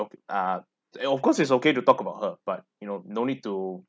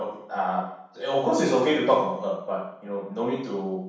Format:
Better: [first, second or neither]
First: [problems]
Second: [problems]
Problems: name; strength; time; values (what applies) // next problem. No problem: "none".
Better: first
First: none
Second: room echo; dies away in 0.7 s